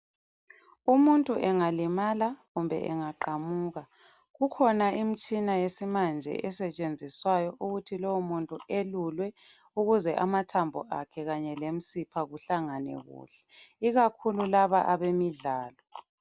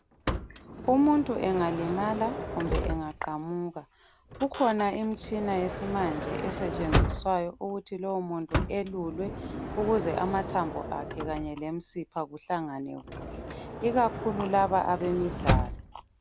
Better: first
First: none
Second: background sound (Sliding door / Motor vehicle (road)); 4 dB below the speech

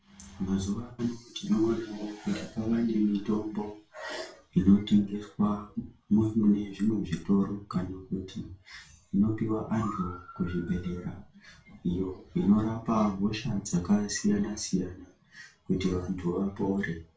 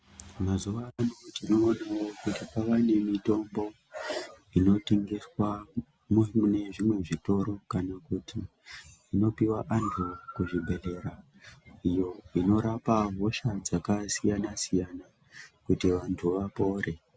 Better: second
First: room echo; dies away in 0.3 s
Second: none

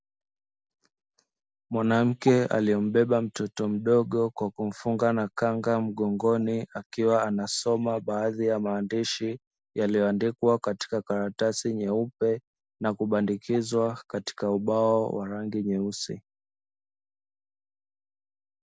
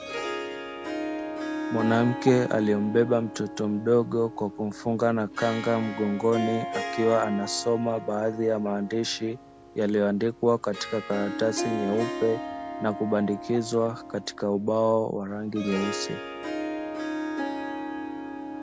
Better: first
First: none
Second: background sound (Harp); 8 dB below the speech

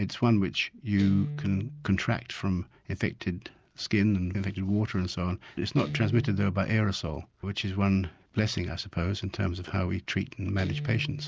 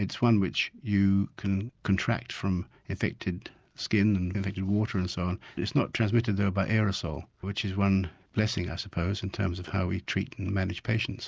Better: second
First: background sound (Guitar); 14 dB below the speech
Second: none

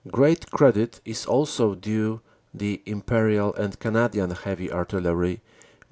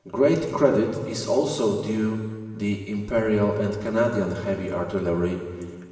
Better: first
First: none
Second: room echo; dies away in 1.6 s

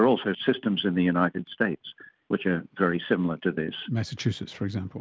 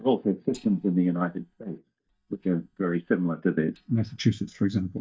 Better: first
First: none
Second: noise reduction (neural mask model DeepFilterNet 3)

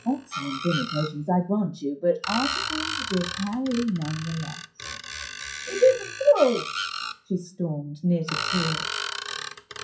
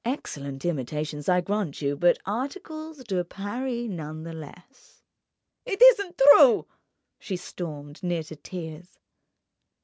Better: second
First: noise reduction (classical method WPE with log-MMSE)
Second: none

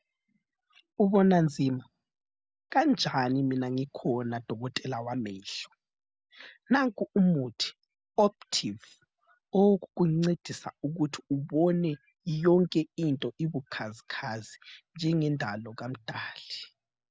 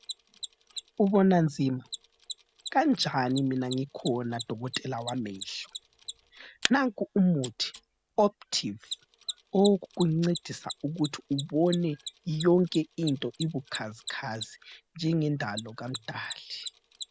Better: first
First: none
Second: background sound (Mechanisms); 14 dB below the speech

